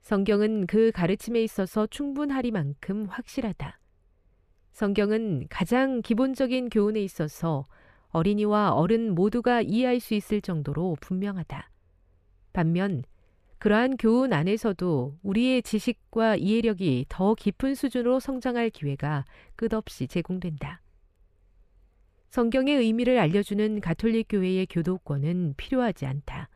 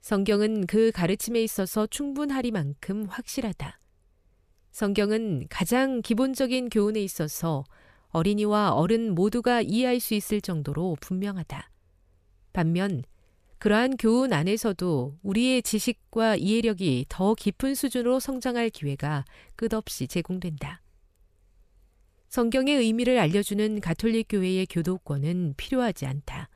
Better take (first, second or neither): second